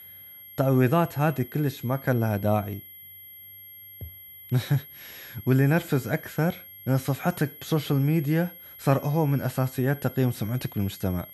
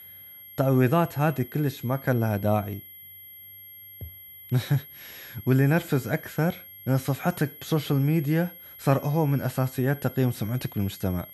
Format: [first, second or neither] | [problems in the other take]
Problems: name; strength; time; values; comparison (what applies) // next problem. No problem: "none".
neither | high-pitched whine; noticeable; throughout; 11.5 kHz, 15 dB below the speech; the same in both